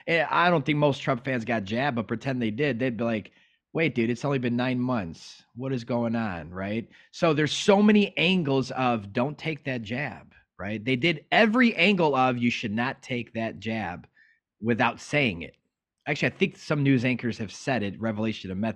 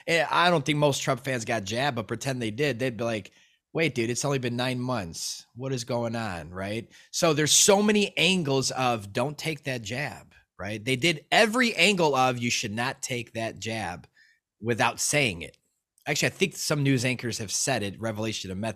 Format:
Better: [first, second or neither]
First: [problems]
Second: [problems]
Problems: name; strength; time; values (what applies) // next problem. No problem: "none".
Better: second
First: muffled; slightly; fading above 2.5 kHz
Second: none